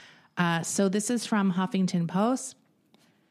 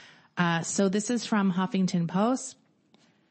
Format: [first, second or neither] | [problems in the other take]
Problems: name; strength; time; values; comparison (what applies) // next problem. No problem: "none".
first | garbled, watery; slightly; nothing above 8 kHz